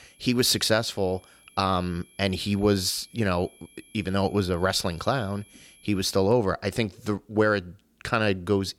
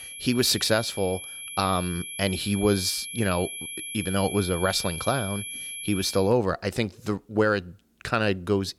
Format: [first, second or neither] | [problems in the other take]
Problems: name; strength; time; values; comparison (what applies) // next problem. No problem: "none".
first | high-pitched whine; loud; until 6 s; 2.5 kHz, 8 dB below the speech; faint in the first